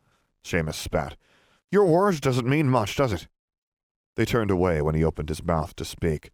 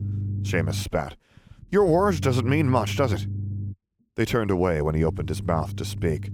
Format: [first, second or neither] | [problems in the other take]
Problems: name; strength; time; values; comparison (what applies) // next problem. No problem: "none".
first | low rumble; noticeable; throughout; 20 dB below the speech